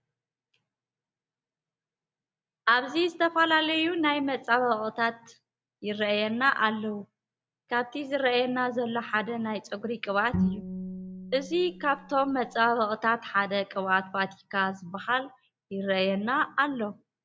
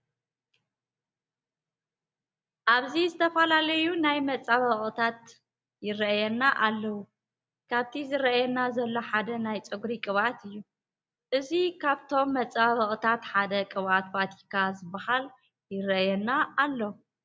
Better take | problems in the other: second | background sound (Bowed string instrument); 5 dB below the speech

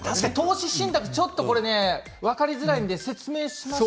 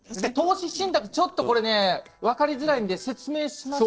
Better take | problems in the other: first | noise reduction (neural separator model SepFormer DNS4)

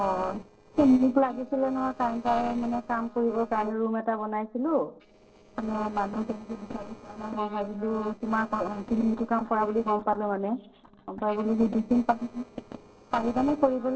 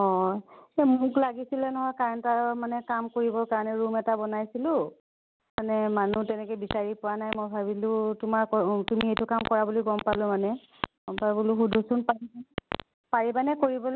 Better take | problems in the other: second | noise reduction (neural separator model SepFormer DNS4)

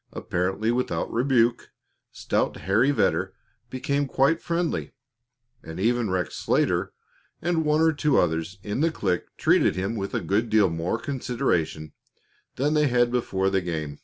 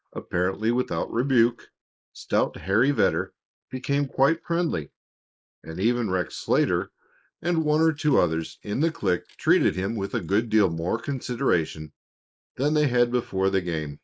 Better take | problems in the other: first | noise reduction (neural mask model Resemble Enhance denoiser)

